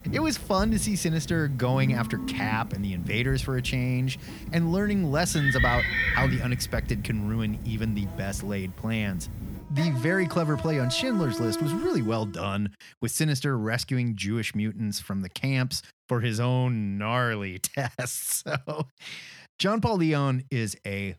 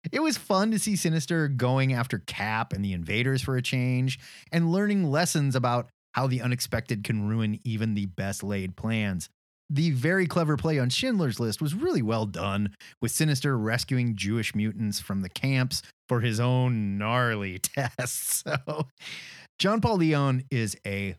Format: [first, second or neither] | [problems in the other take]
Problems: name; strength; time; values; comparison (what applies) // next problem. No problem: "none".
second | animal sounds; loud; until 12 s; 5 dB below the speech